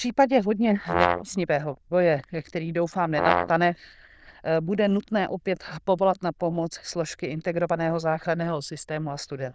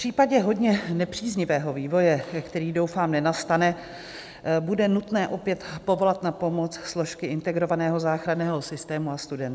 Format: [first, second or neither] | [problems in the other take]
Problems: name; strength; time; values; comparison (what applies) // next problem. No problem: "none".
second | noise reduction (neural diffusion model UNIVERSE++)